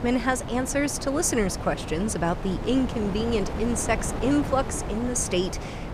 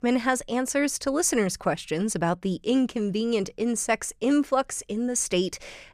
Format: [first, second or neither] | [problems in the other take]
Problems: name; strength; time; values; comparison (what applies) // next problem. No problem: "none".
second | wind noise on the microphone; heavy; 8 dB below the speech